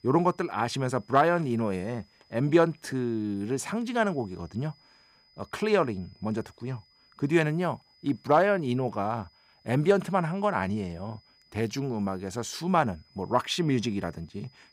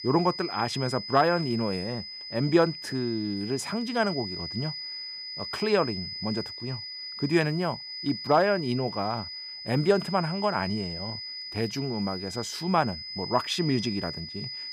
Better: first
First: high-pitched whine; faint; throughout; 5 kHz, 30 dB below the speech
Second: high-pitched whine; loud; throughout; 5 kHz, 7 dB below the speech

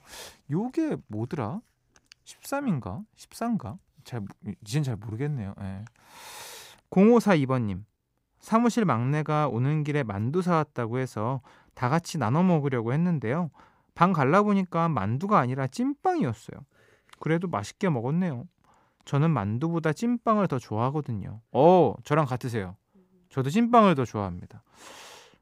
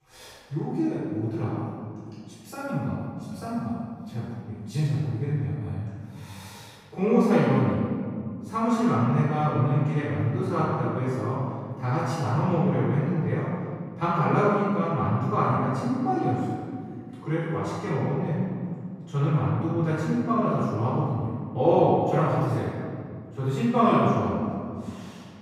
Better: first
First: none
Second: room echo; strong; dies away in 2.1 s // off-mic speech; far

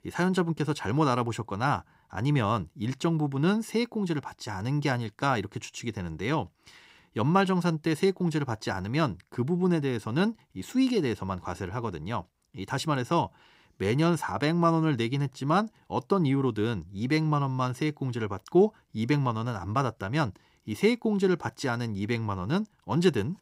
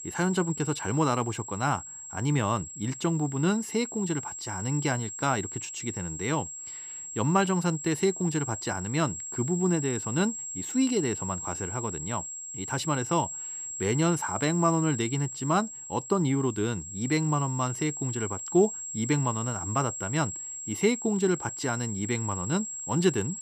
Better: first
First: none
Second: high-pitched whine; loud; throughout; 7.5 kHz, 7 dB below the speech

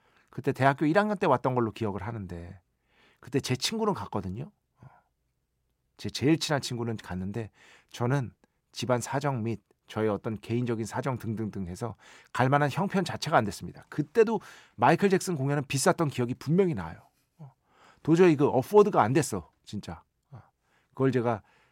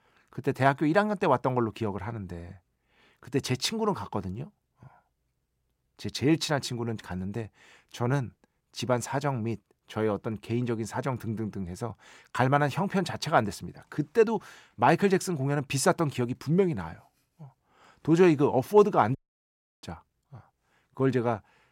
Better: first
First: none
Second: audio cutting out; at 19 s for 0.5 s

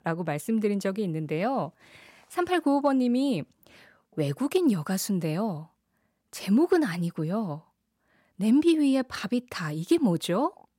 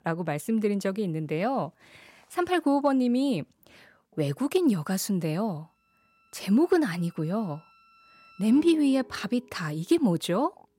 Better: first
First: none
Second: background music; faint; from 6.5 s on; 25 dB below the speech

